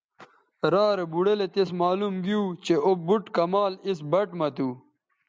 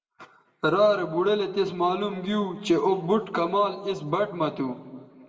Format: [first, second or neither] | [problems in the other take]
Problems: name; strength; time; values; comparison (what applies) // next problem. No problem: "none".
first | room echo; dies away in 1.2 s